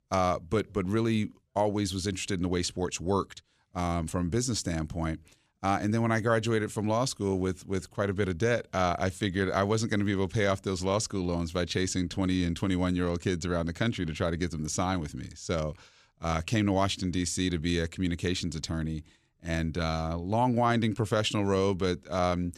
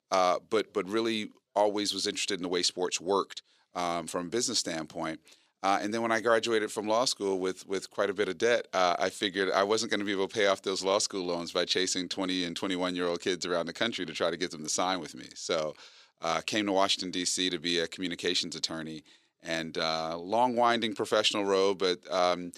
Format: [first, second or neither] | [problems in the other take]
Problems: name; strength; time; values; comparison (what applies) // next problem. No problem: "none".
first | thin; somewhat; fading below 400 Hz